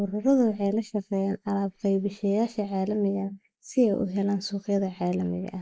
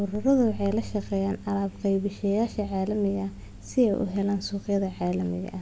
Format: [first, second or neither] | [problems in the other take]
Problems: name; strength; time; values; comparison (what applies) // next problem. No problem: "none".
second | noise reduction (neural mask model Resemble Enhance denoiser)